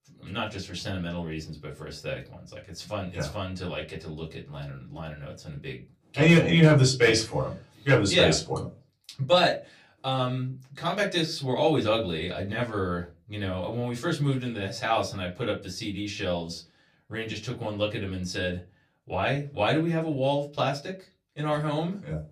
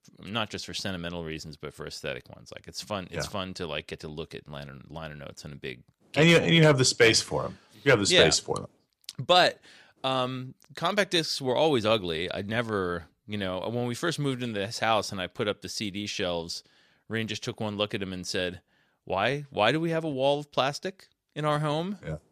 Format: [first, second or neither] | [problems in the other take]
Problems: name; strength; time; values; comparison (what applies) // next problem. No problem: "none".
second | off-mic speech; far // room echo; very slight; dies away in 0.3 s